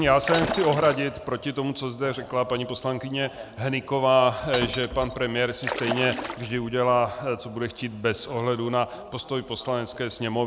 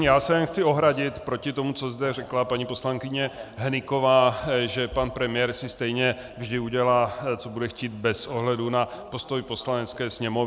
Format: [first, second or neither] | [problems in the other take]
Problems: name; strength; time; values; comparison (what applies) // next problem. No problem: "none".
second | background sound (Glass + Splash, splatter); 8 dB below the speech